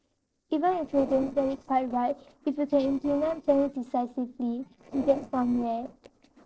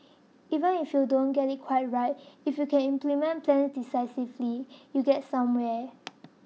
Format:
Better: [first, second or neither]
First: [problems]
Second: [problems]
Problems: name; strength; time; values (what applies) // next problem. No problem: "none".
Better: second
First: noise reduction (neural separator model SepFormer DNS4)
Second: none